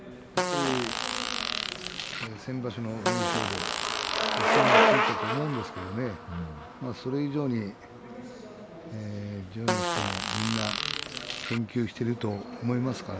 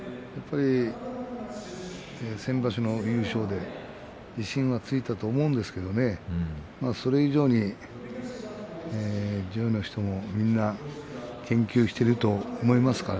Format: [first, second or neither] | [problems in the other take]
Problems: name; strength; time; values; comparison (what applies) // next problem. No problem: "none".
second | background sound (Fart + Bicycle); 3 dB above the speech